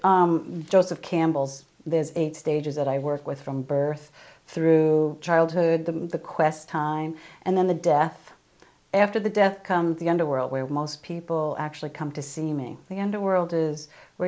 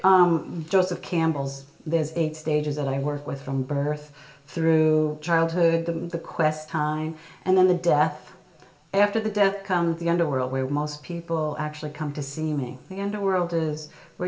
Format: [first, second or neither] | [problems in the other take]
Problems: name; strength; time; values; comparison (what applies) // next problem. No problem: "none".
first | room echo; dies away in 0.8 s